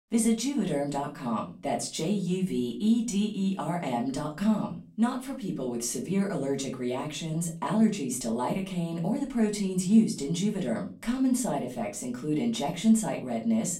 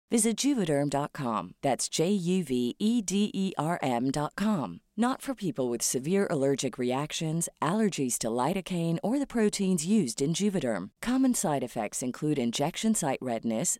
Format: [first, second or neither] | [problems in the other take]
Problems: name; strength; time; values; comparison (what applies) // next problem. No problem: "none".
second | off-mic speech; far // room echo; very slight; dies away in 0.3 s